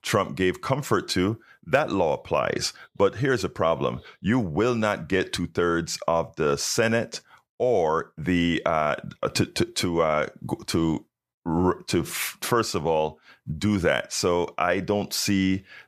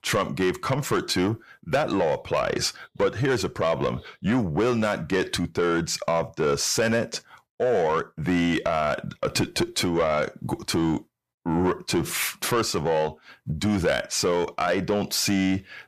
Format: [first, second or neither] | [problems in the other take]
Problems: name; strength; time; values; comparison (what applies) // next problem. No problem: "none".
first | distortion; slight; 10 dB below the speech